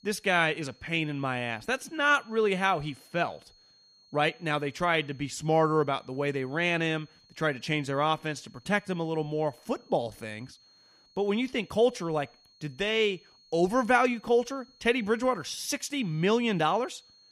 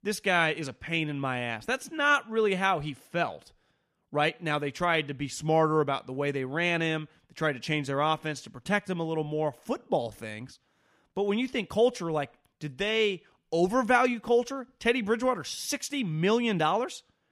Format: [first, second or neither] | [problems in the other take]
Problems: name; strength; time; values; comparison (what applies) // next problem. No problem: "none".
second | high-pitched whine; faint; throughout; 4.5 kHz, 30 dB below the speech